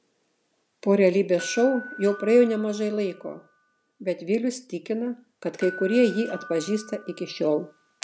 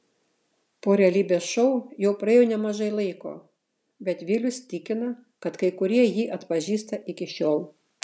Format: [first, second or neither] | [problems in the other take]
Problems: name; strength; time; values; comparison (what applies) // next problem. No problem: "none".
second | background sound (Door / Bell); 18 dB below the speech